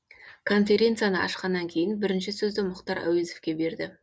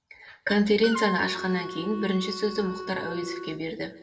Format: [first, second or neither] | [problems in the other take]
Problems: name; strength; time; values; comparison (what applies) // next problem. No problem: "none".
first | background sound (Wind instrument, woodwind instrument); 9 dB below the speech // room echo; dies away in 1.5 s